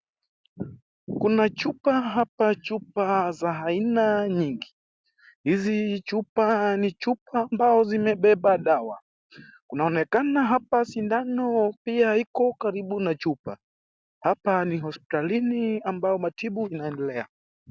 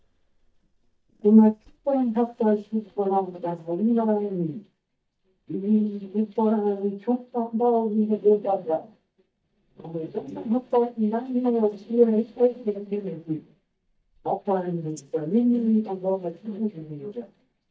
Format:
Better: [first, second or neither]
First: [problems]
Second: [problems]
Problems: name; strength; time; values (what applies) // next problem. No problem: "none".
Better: first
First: none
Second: noise reduction (neural mask model DeepFilterNet 3)